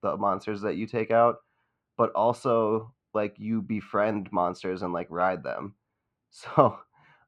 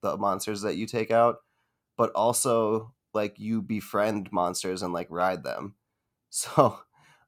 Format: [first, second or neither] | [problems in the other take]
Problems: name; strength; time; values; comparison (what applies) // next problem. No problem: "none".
second | muffled; very; fading above 2 kHz